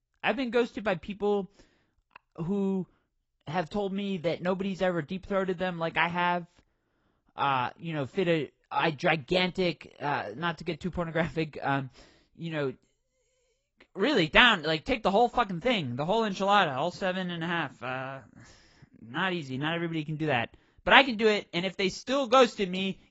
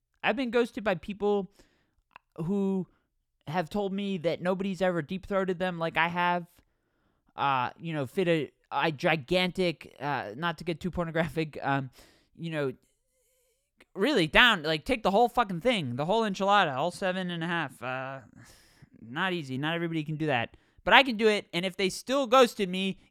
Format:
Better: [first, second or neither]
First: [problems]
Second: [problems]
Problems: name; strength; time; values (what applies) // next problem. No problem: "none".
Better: second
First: garbled, watery; badly; nothing above 7.5 kHz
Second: none